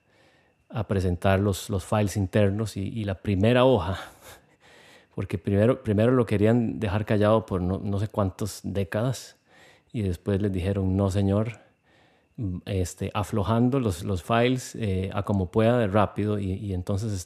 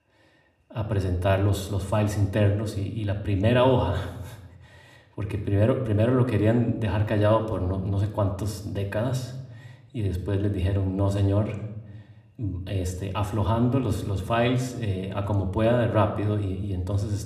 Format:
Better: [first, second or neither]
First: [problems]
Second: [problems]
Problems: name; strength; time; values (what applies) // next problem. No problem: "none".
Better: first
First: none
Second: room echo; slight; dies away in 0.8 s // off-mic speech; somewhat distant